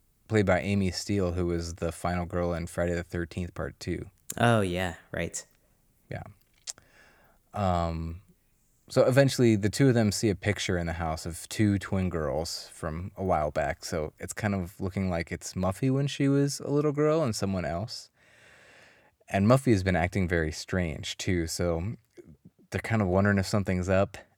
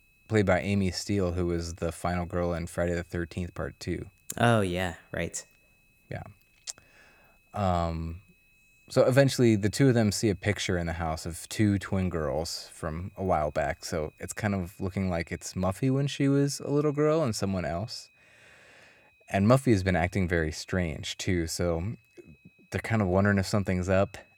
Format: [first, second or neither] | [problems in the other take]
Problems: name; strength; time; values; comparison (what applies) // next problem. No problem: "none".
first | high-pitched whine; faint; throughout; 2.5 kHz, 35 dB below the speech